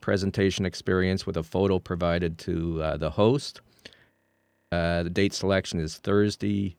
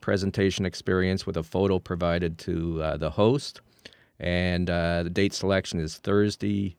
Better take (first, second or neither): second